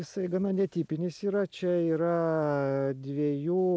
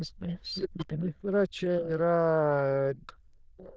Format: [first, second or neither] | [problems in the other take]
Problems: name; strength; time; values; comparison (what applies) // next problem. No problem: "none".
first | noise reduction (neural diffusion model UNIVERSE++)